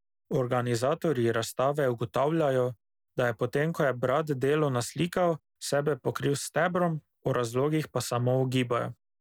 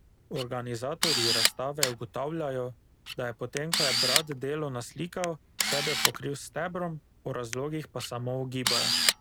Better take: first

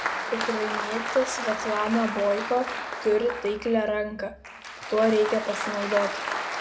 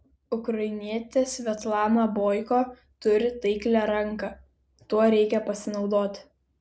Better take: second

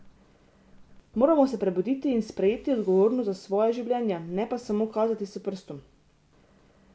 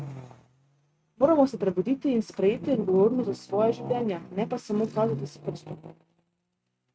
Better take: first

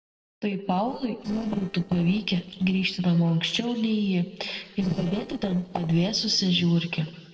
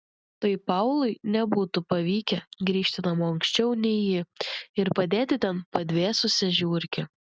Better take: second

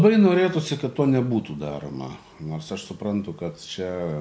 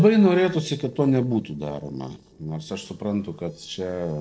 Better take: first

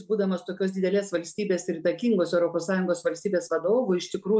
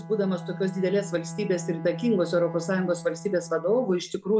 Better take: first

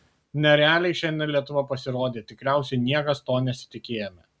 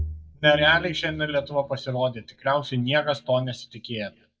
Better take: first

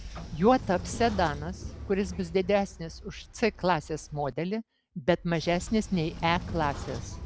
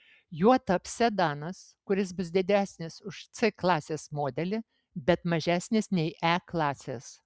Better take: second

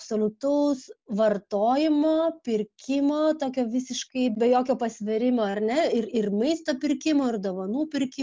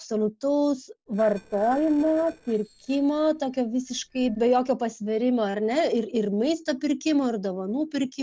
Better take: first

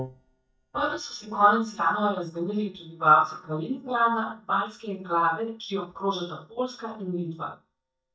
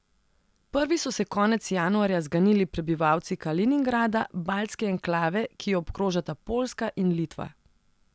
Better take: second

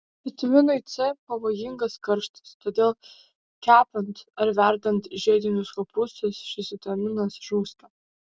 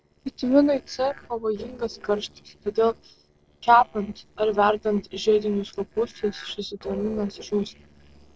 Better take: first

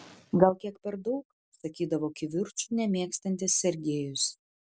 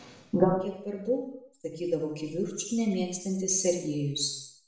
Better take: first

